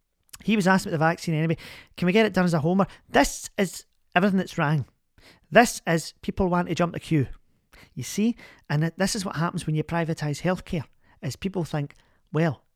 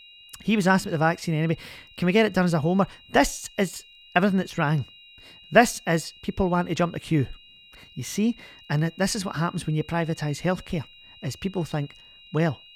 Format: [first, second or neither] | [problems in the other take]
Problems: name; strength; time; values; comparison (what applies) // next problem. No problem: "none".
first | high-pitched whine; faint; throughout; 3 kHz, 25 dB below the speech